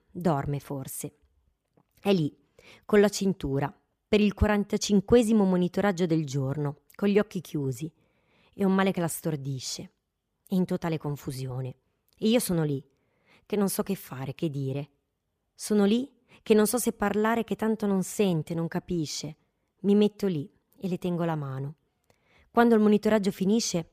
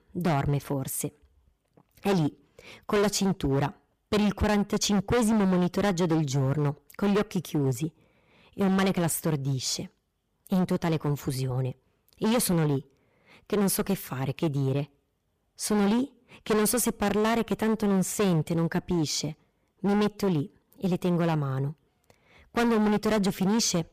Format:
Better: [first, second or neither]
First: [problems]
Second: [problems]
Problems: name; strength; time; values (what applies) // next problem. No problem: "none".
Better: first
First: none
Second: distortion; heavy; 15% of the sound clipped